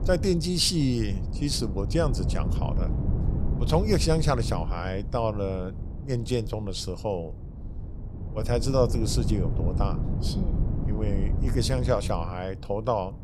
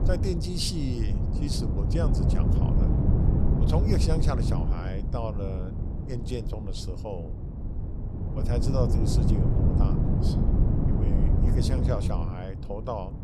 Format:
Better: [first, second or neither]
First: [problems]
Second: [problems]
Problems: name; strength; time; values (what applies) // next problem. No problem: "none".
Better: first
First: wind noise on the microphone; occasional gusts; 10 dB below the speech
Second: wind noise on the microphone; heavy; 1 dB below the speech